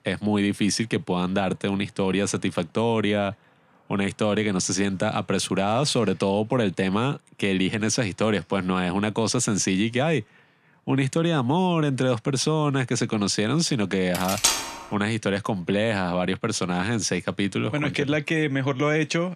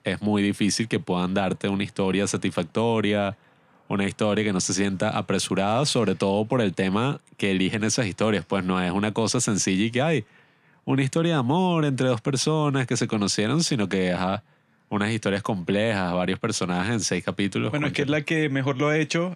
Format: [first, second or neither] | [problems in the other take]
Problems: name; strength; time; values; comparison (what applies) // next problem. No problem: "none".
second | clattering dishes; loud; at 14 s; peak 3 dB above the speech